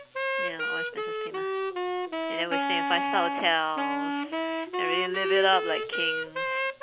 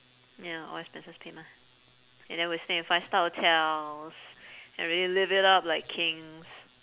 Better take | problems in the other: second | background sound (Wind instrument, woodwind instrument); 1 dB above the speech

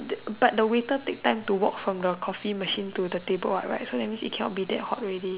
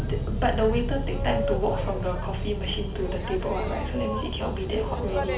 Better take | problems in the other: first | background sound (Boat, Water vehicle); 1 dB above the speech // room echo; dies away in 0.4 s

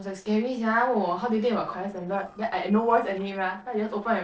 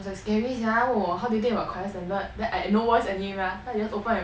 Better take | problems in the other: second | noise reduction (neural separator model SepFormer DNS4)

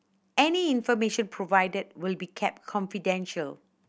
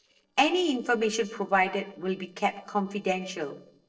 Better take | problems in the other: first | noise reduction (neural separator model SepFormer DNS4)

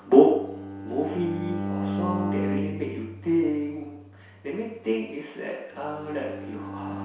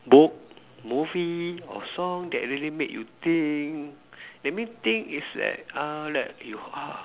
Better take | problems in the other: second | background sound (Bowed string instrument); 7 dB below the speech // room echo; dies away in 0.7 s

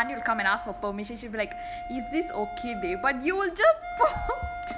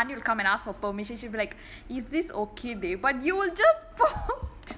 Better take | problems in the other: second | background sound (Wind instrument, woodwind instrument); 9 dB below the speech

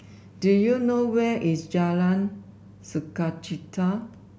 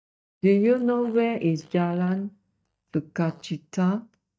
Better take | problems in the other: first | noise reduction (neural mask model DeepFilterNet 3)

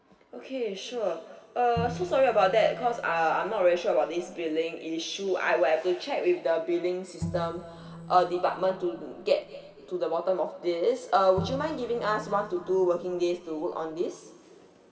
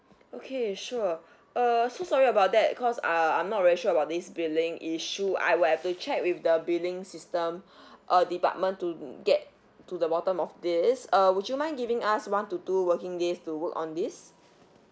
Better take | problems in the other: second | background sound (Bowed string instrument); 14 dB below the speech // room echo; dies away in 2.8 s

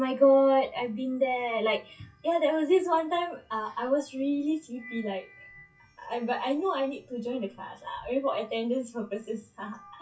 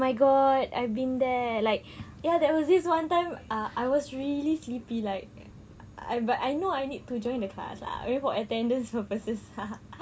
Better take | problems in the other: second | noise reduction (classical method WPE with log-MMSE)

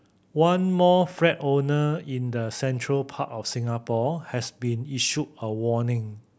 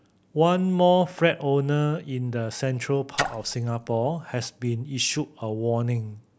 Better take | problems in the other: first | background sound (Splash, splatter); 10 dB below the speech

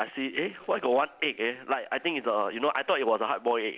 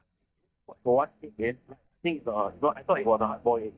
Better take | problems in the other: first | noise reduction (neural mask model DeepFilterNet 3)

